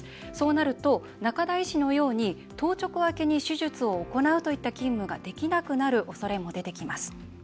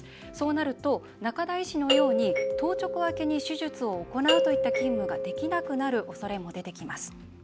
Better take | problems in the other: first | background sound (Doorbell); 1 dB above the speech

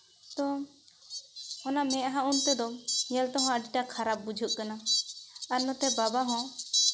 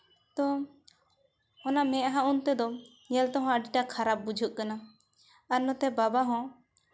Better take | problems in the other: second | background sound (Fowl); 2 dB below the speech

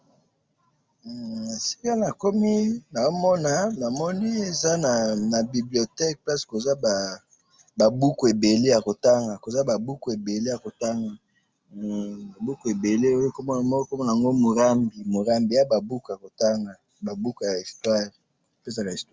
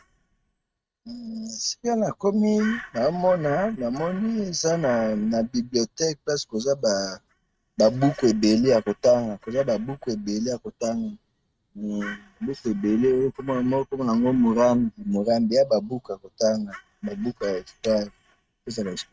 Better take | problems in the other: first | noise reduction (neural mask model RNNoise)

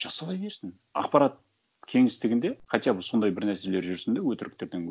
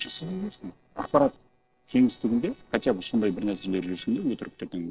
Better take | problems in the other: first | noise reduction (neural separator model SepFormer DNS4)

